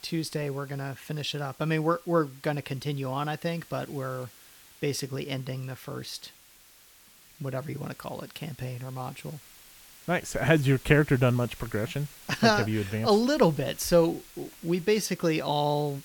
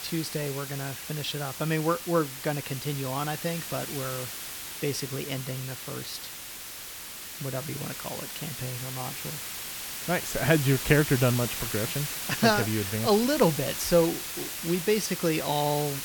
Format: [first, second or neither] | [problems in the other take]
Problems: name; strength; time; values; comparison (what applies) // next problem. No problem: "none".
first | hiss; loud; throughout; 6 dB below the speech; faint in the first